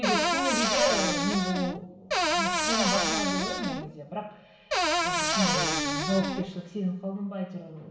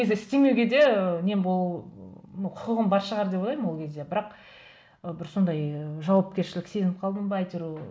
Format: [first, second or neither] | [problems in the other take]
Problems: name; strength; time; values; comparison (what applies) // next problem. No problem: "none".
second | background sound (Cupboard open or close / Door); 4 dB above the speech // room echo; dies away in 0.9 s